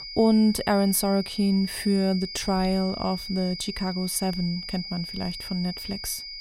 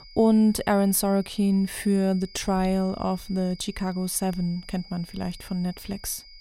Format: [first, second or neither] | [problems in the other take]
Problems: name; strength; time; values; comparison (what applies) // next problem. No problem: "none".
second | high-pitched whine; loud; throughout; 5 kHz, 9 dB below the speech; faint in the second